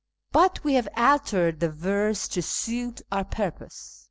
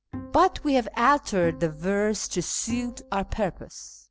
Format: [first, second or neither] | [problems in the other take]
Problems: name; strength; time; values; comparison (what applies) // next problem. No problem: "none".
first | background sound (Bowed string instrument); 17 dB below the speech